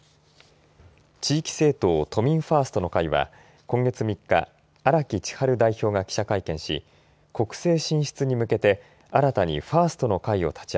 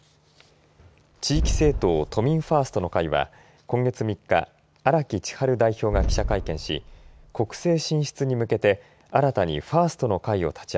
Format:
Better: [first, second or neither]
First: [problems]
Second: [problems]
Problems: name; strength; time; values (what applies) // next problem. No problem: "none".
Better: first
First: none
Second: background sound (Boom); 5 dB below the speech